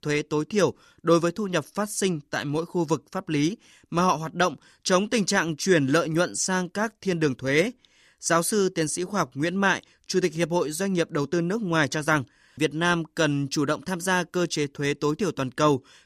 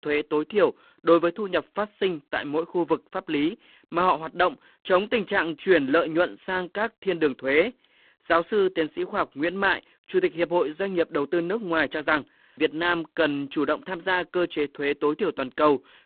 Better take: first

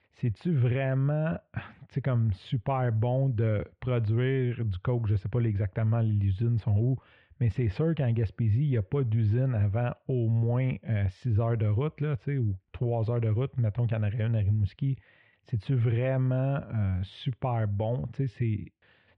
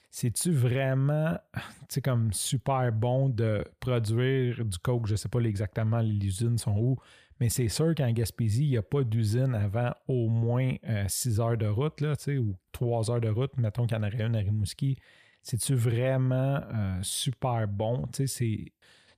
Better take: second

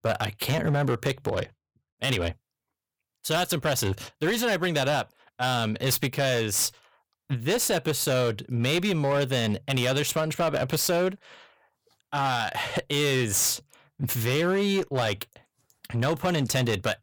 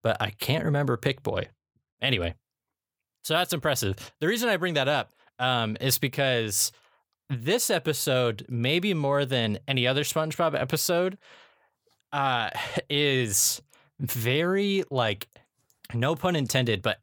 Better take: second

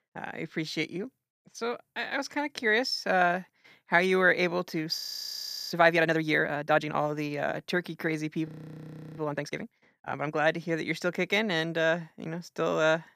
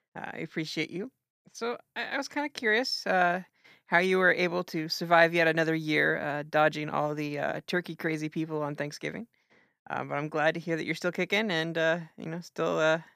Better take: second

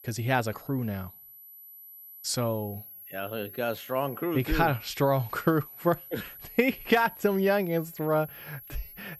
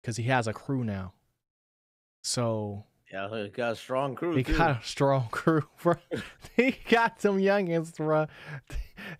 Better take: second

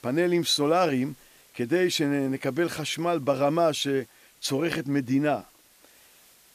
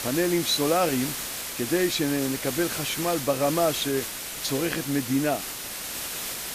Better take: first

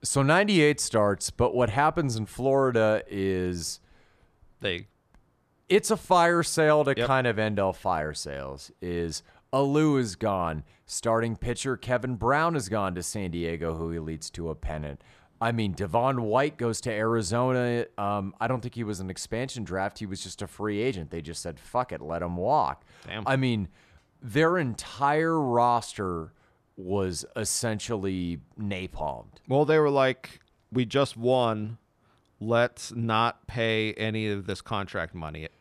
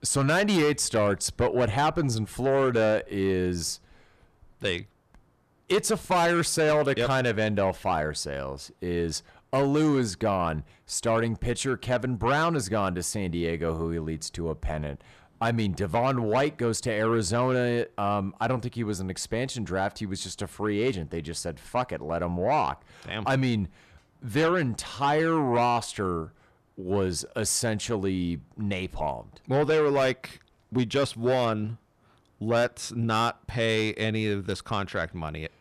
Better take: first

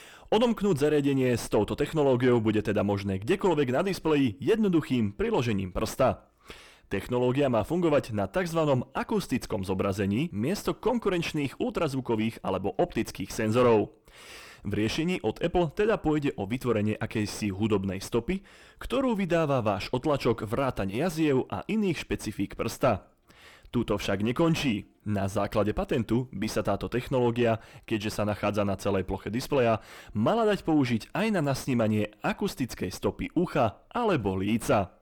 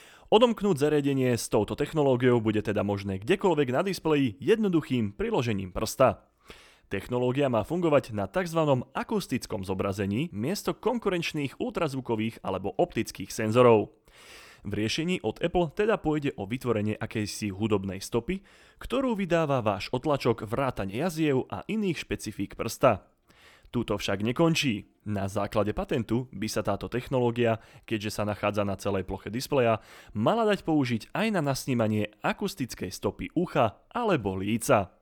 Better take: second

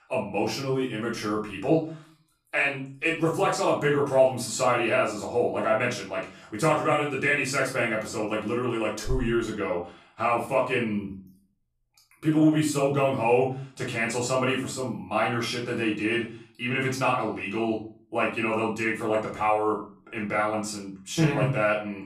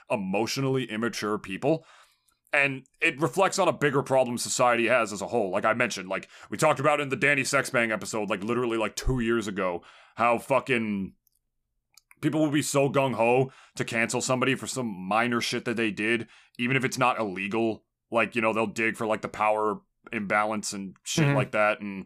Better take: second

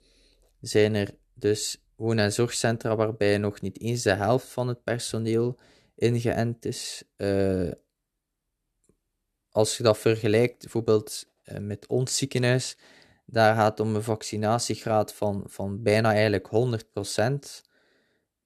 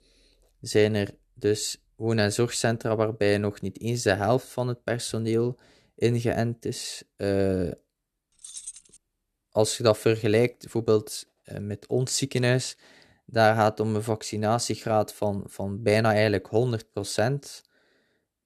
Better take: first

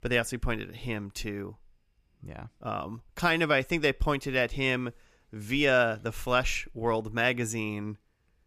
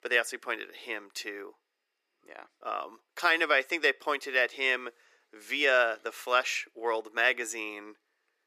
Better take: first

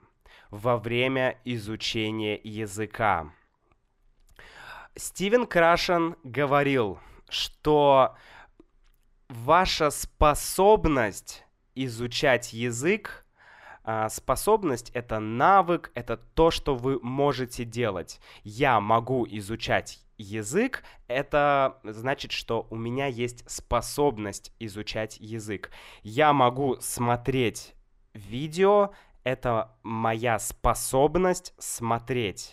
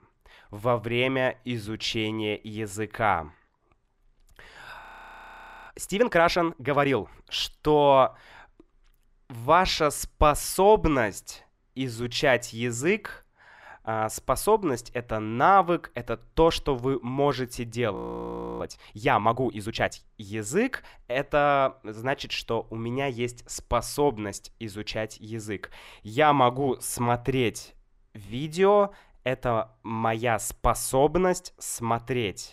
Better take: first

